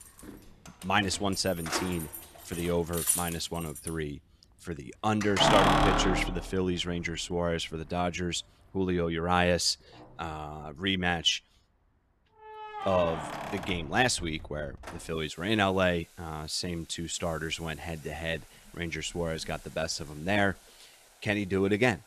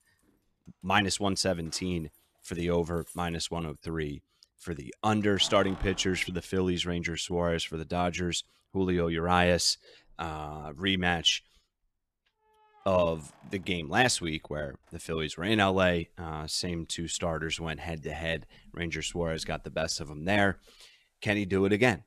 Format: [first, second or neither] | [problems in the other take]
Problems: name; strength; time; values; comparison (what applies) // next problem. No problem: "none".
second | household noises; loud; throughout; 2 dB below the speech; faint in the second